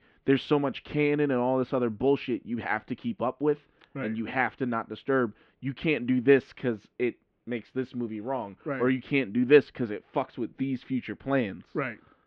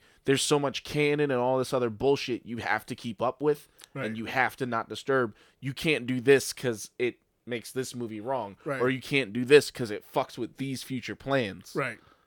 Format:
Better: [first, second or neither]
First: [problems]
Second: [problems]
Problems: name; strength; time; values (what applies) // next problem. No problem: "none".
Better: second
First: muffled; very; fading above 3 kHz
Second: none